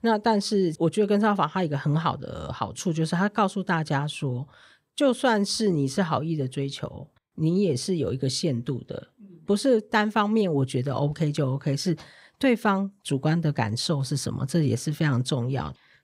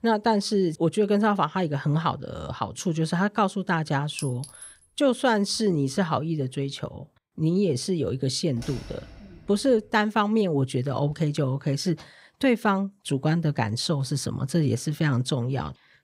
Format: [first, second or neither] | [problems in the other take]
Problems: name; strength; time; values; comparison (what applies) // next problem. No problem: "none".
first | clattering dishes; faint; at 4 s; peak 15 dB below the speech // door banging; faint; from 8.5 to 10 s; peak 15 dB below the speech